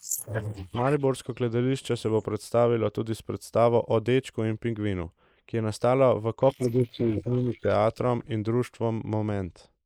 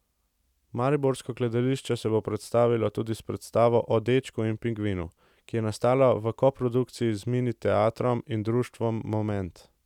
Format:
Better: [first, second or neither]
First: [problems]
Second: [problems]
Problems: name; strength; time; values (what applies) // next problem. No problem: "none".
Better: second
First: noise reduction (neural mask model Resemble Enhance denoiser)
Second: none